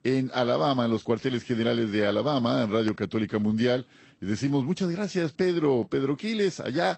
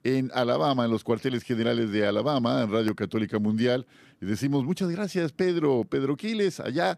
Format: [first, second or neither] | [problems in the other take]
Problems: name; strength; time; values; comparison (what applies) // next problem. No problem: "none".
second | garbled, watery; slightly; nothing above 8 kHz